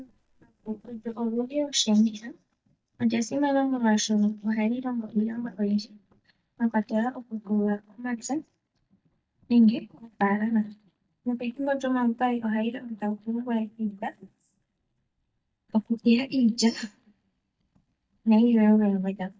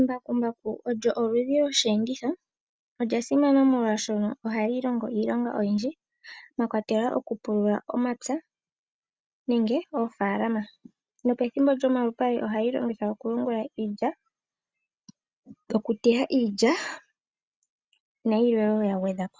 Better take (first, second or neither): second